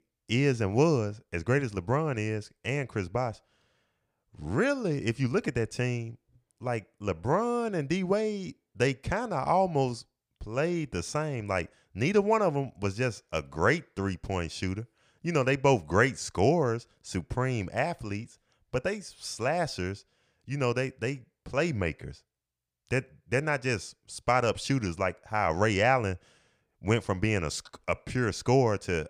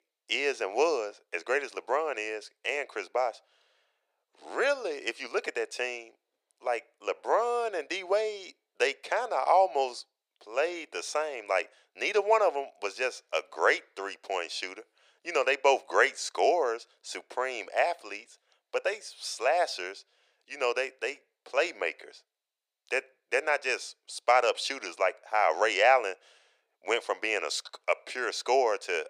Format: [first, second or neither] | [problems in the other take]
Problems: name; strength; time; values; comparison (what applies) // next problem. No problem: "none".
first | thin; very; fading below 400 Hz